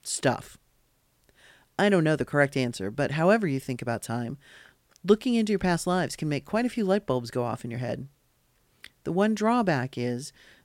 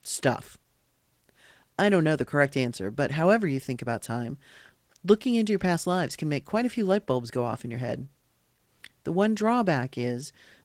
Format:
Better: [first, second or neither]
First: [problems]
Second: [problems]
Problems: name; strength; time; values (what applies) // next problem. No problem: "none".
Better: first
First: none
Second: garbled, watery; slightly; nothing above 16.5 kHz